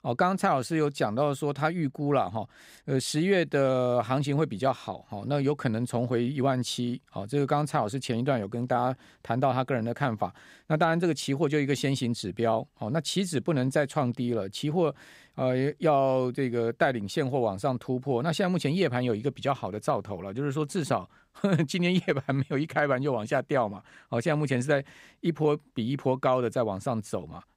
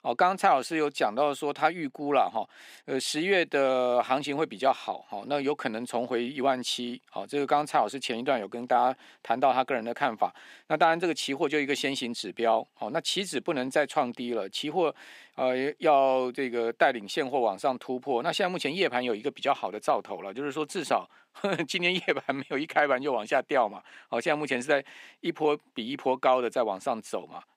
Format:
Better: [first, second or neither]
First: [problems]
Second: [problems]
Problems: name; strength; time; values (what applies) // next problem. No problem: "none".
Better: first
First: none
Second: thin; somewhat; fading below 250 Hz